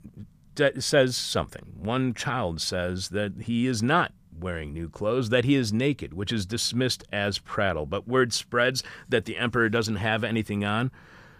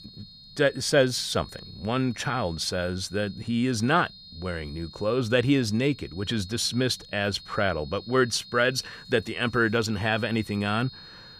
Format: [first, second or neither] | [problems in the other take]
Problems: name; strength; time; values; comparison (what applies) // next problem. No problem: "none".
first | high-pitched whine; noticeable; throughout; 4.5 kHz, 20 dB below the speech